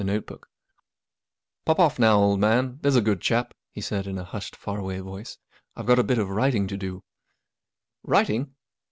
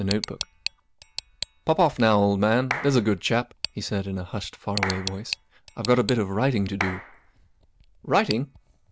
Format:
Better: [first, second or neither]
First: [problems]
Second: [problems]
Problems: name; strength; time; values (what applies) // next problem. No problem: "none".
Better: first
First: none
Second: background sound (Clapping + Tick); 11 dB below the speech